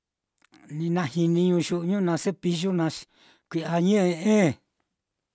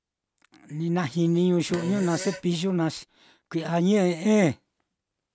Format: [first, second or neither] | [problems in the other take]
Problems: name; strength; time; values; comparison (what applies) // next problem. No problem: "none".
first | background sound (Fart); 14 dB below the speech